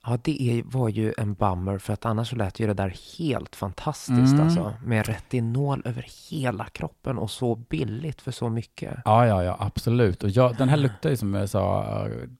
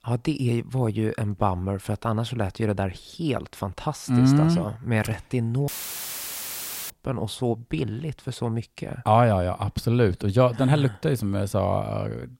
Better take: first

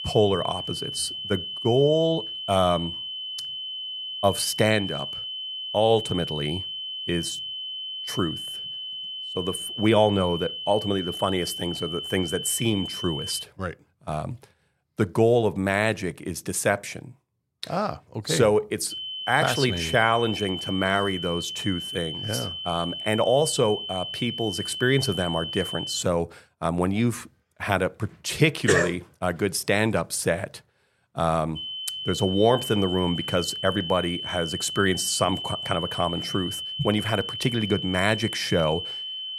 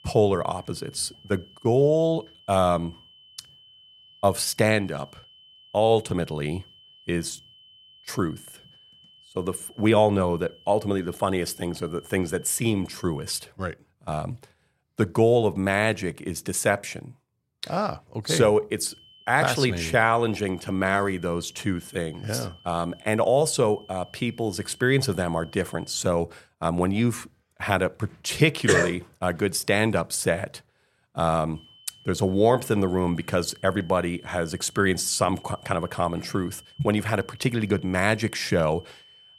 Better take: second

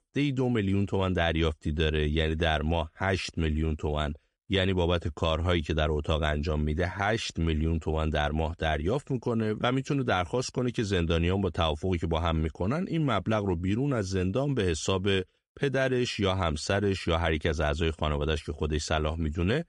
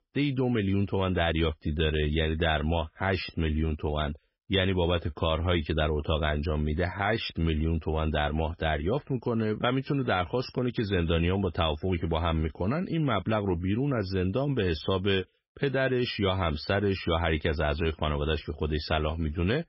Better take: first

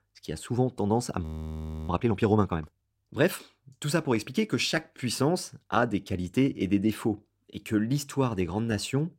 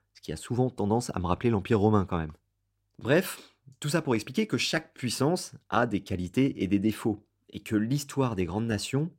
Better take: second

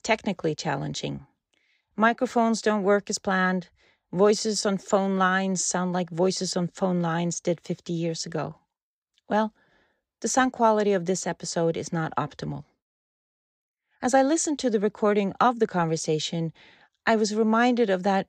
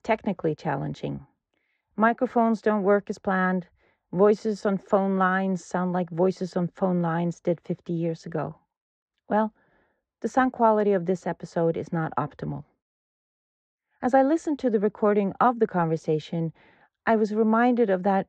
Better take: first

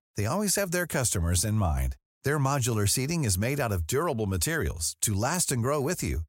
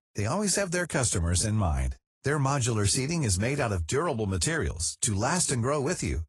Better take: first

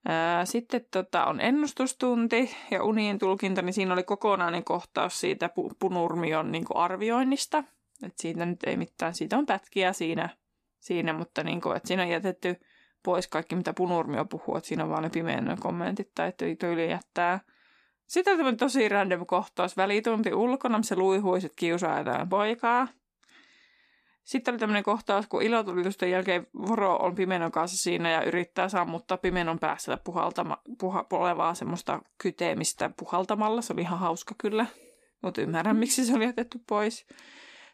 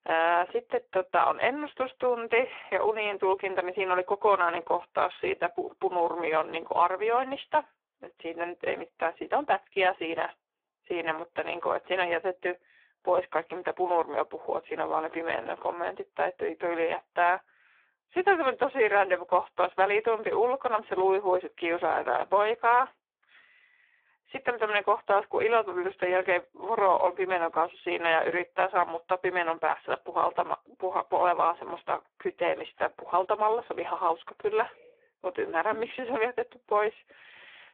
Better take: first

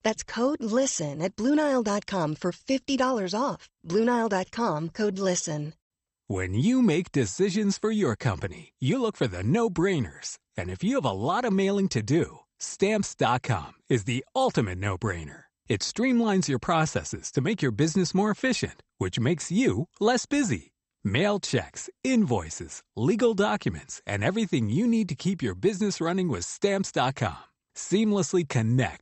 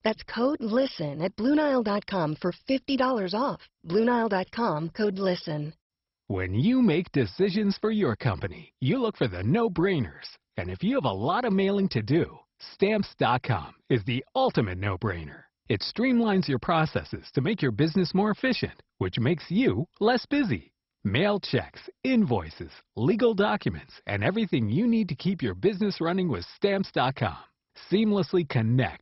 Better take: first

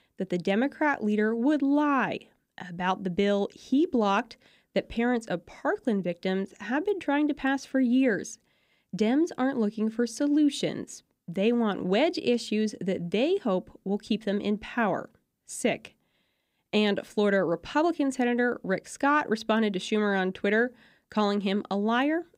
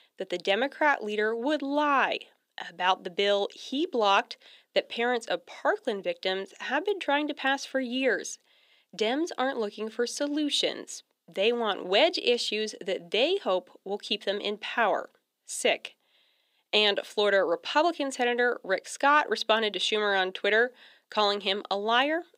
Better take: first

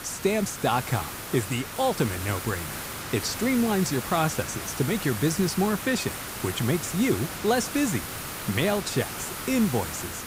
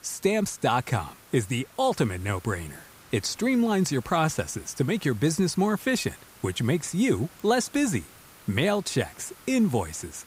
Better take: second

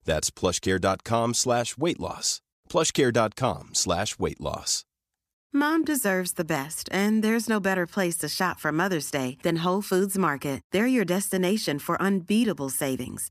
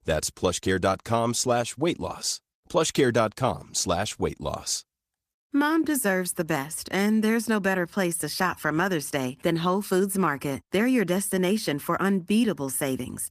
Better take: first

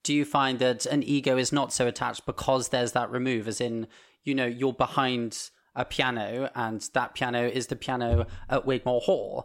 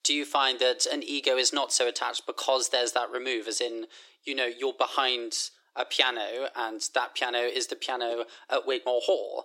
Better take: first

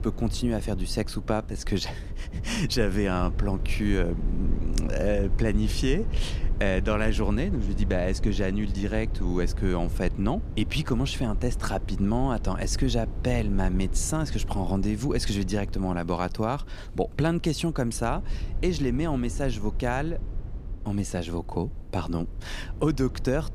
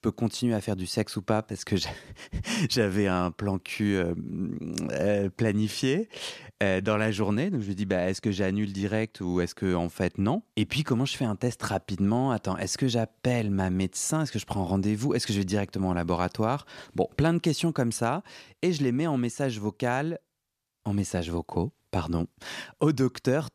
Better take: second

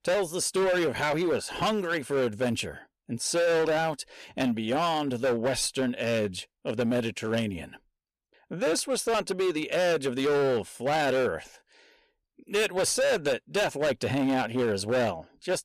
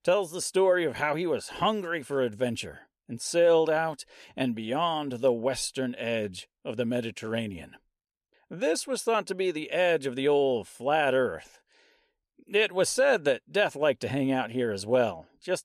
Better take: second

